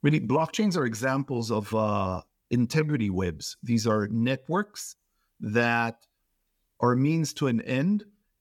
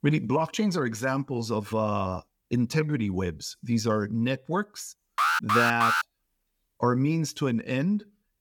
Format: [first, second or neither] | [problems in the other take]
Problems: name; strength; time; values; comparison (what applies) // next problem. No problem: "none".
first | alarm; loud; at 5 s; peak 4 dB above the speech